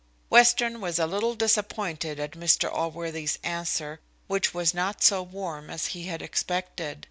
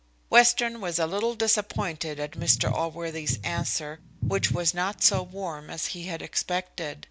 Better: first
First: none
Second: background sound (Bass guitar); 6 dB below the speech

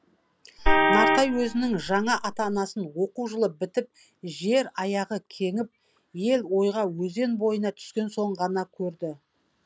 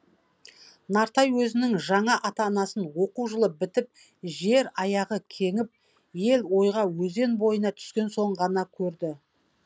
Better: second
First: background sound (Vehicle horn, car horn, honking); 3 dB above the speech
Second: none

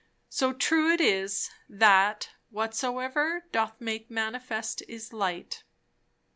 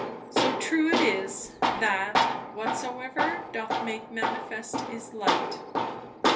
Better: first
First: none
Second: background sound (Tools); 3 dB above the speech // room echo; dies away in 0.3 s

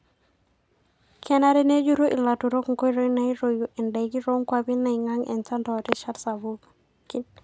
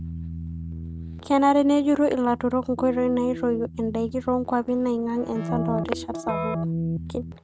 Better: first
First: none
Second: noise reduction (neural mask model RNNoise)

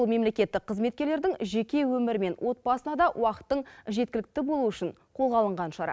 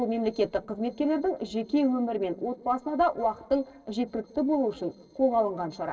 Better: first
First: none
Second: noise reduction (neural separator model SepFormer DNS4)

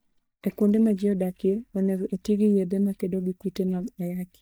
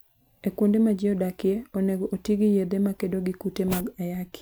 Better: second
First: noise reduction (neural mask model DeepFilterNet 3)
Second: none

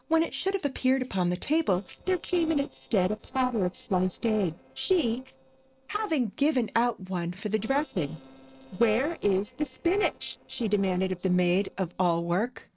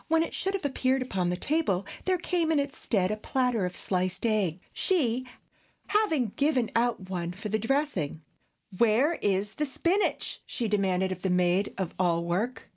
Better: second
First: noise reduction (neural separator model SepFormer DNS4)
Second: none

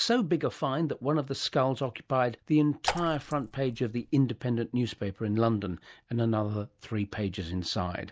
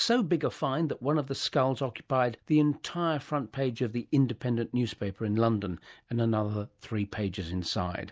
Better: second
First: background sound (Raindrop / Splash, splatter); 9 dB below the speech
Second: none

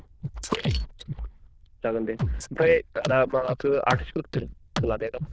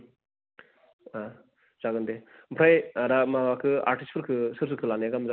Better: second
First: noise reduction (neural diffusion model UNIVERSE++)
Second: none

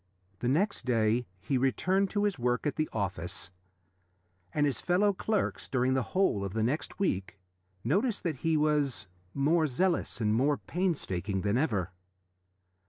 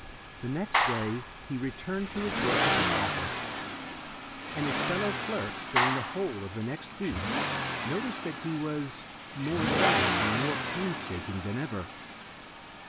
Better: first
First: none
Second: background sound (Clapping + Accelerating, revving, vroom); 3 dB above the speech

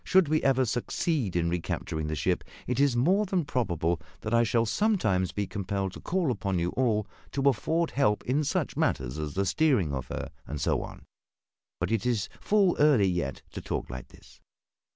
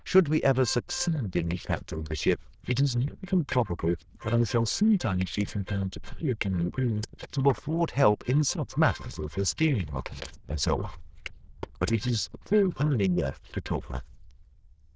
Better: first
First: none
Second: noise reduction (neural diffusion model UNIVERSE++)

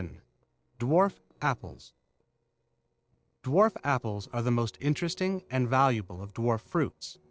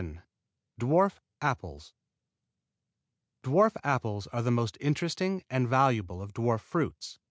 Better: second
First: noise reduction (neural separator model SepFormer DNS4)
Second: none

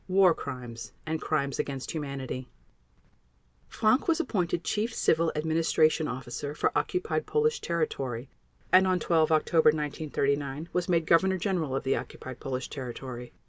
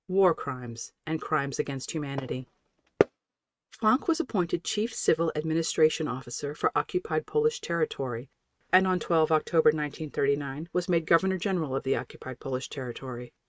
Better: first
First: none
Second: noise reduction (neural mask model RNNoise)

